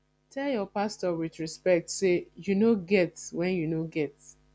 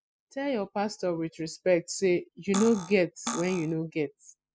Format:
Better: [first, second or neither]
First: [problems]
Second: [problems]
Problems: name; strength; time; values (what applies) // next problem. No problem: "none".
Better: first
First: none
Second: noise reduction (classical method spectral subtraction)